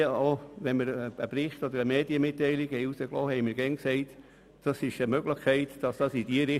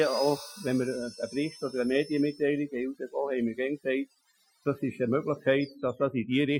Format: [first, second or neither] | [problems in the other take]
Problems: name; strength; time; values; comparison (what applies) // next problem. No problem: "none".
first | noise reduction (classical method Wiener filter)